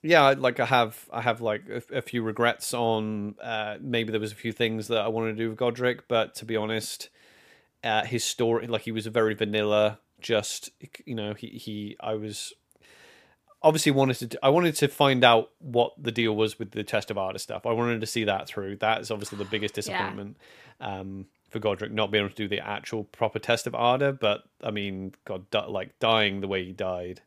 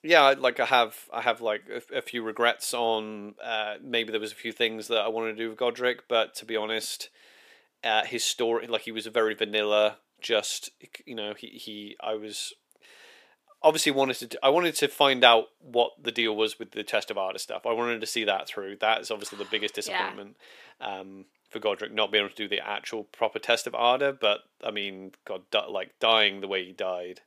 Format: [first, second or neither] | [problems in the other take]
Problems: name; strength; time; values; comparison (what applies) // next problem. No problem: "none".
first | thin; somewhat; fading below 350 Hz